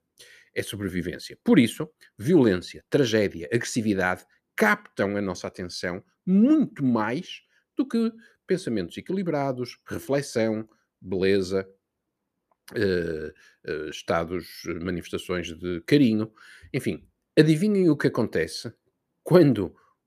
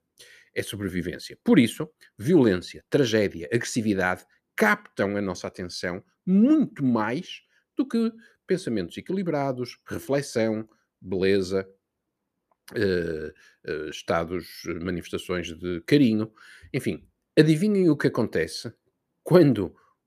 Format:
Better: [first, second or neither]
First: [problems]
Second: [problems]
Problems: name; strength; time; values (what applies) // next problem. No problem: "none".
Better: neither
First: none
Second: none